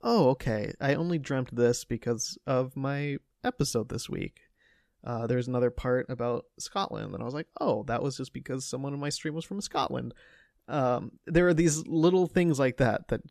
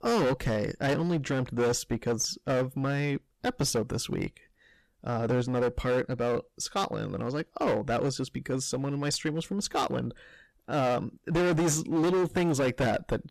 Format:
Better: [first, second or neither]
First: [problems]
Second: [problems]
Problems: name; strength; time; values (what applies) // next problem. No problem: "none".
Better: first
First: none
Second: distortion; heavy; 14% of the sound clipped